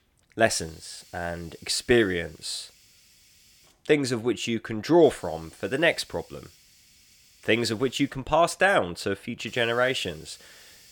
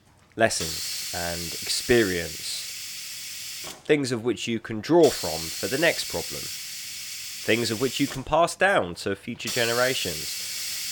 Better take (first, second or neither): first